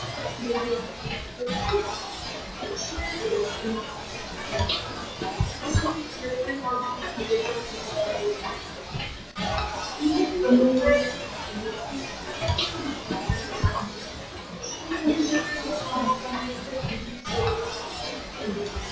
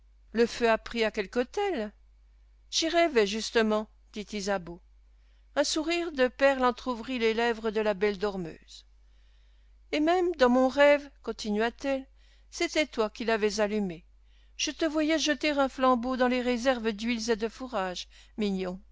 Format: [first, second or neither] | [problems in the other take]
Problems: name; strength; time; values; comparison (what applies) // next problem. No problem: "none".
second | noise reduction (classical method WPE with log-MMSE)